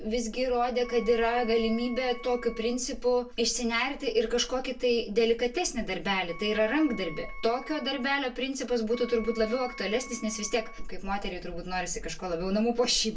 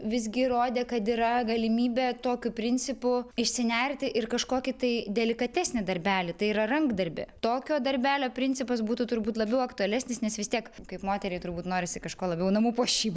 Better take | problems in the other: second | background sound (Wind instrument, woodwind instrument); 17 dB below the speech // room echo; dies away in 0.2 s

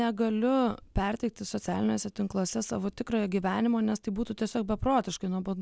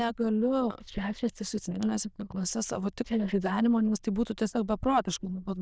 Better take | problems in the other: first | noise reduction (neural diffusion model UNIVERSE++)

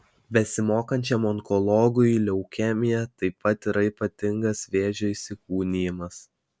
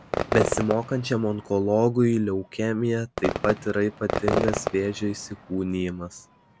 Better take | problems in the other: first | background sound (Fireworks); 6 dB below the speech

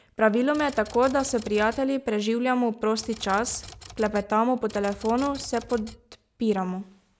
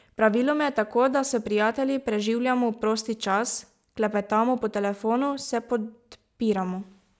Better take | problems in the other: second | background sound (Typewriter); 19 dB below the speech

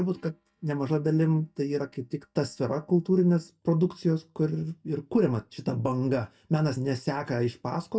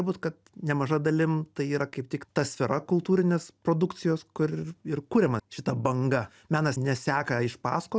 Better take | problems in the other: second | noise reduction (neural mask model DeepFilterNet 3)

